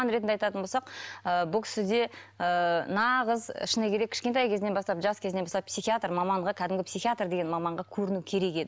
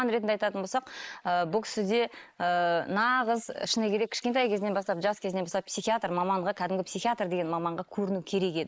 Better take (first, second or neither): first